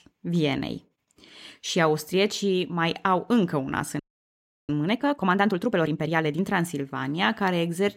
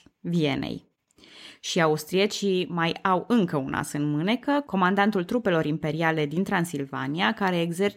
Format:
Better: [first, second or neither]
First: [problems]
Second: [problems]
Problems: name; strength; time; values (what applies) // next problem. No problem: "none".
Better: second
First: audio freezing; at 4 s for 0.5 s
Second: none